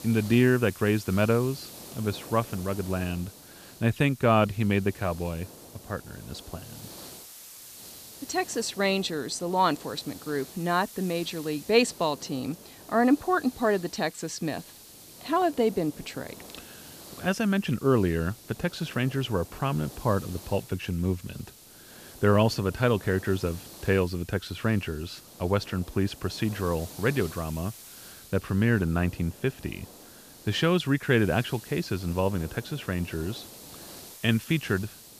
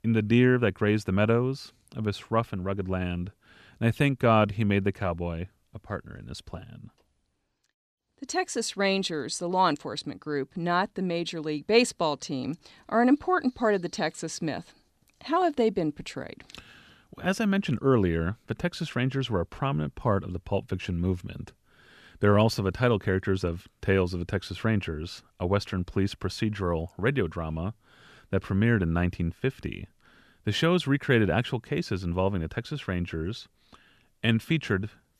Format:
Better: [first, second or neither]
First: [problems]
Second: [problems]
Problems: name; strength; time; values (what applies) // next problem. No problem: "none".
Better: second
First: hiss; noticeable; throughout; 15 dB below the speech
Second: none